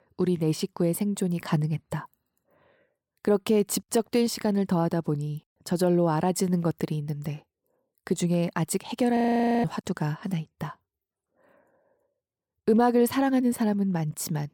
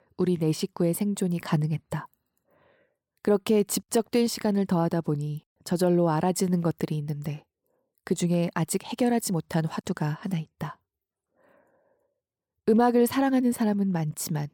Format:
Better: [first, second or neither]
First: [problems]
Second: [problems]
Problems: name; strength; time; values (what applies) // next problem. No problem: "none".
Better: second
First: audio freezing; at 9 s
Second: none